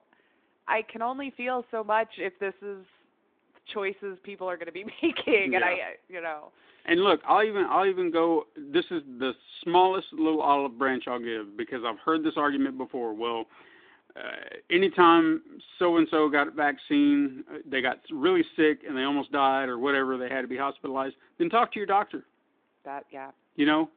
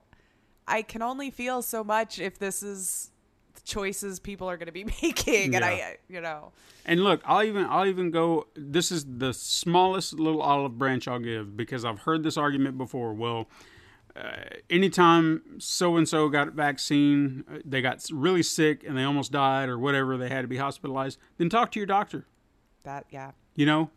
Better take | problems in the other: second | phone-call audio

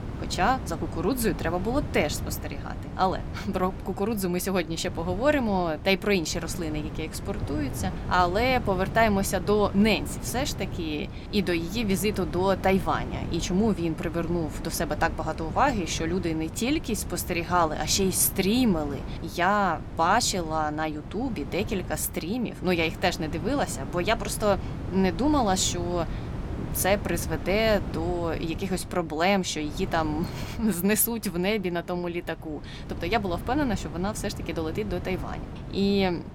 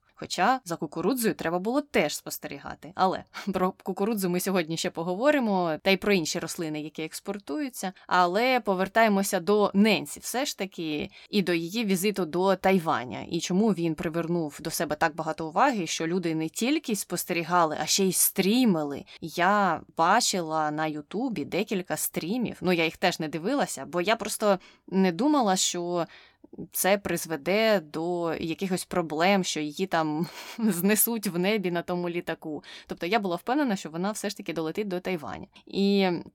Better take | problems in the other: second | wind noise on the microphone; occasional gusts; 15 dB below the speech

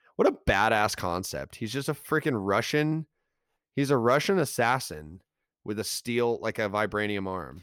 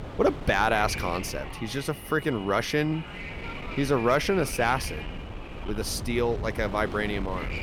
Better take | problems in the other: first | wind noise on the microphone; occasional gusts; 10 dB below the speech

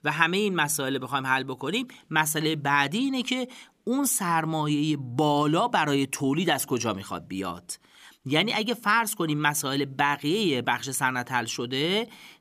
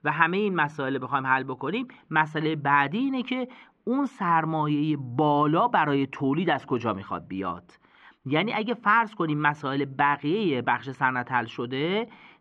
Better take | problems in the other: first | muffled; very; fading above 2.5 kHz

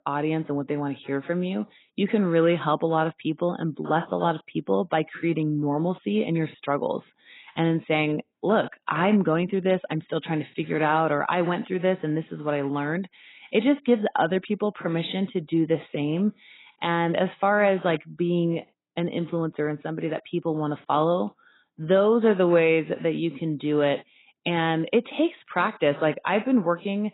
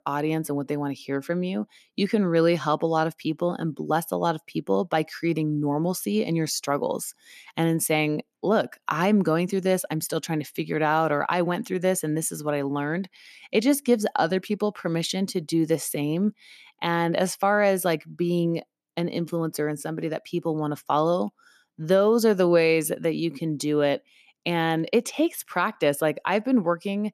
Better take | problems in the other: second | garbled, watery; badly; nothing above 4 kHz

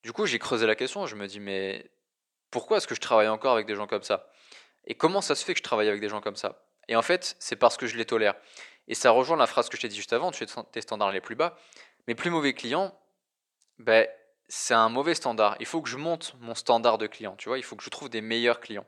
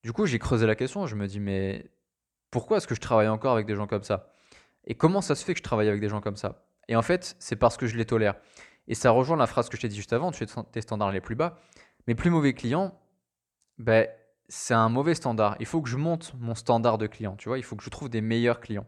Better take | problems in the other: second | thin; somewhat; fading below 350 Hz

